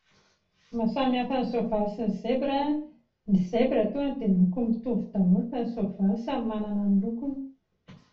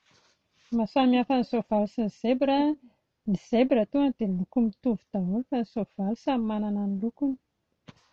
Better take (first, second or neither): second